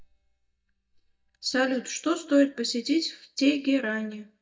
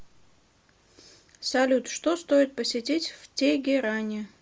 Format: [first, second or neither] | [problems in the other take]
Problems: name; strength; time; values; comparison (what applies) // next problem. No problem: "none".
second | noise reduction (neural mask model DeepFilterNet 3)